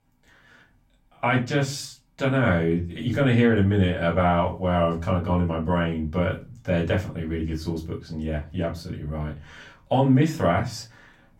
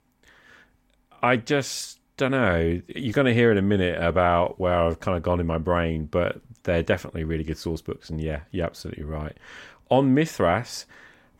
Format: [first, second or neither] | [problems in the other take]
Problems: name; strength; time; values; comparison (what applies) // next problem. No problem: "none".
second | off-mic speech; far // room echo; very slight; dies away in 0.3 s